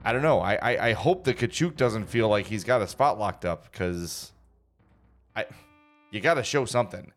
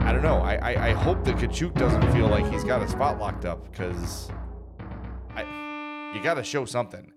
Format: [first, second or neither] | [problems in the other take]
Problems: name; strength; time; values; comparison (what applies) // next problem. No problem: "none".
first | background music; loud; throughout; as loud as the speech; faint in the first